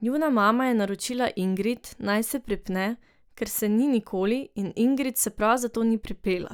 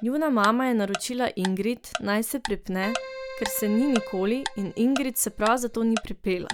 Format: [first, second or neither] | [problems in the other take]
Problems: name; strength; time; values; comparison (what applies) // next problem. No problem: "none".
first | background sound (Keyboard (musical) + Tick-tock); 11 dB below the speech